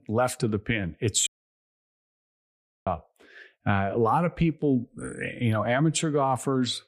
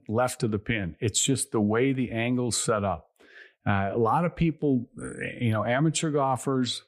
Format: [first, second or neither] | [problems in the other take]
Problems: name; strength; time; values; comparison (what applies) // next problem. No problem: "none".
second | audio cutting out; at 1.5 s for 1.5 s